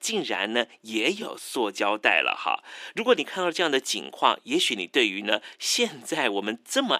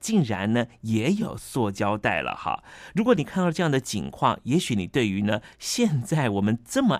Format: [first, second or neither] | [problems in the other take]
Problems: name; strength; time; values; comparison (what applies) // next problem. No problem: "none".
second | thin; somewhat; fading below 300 Hz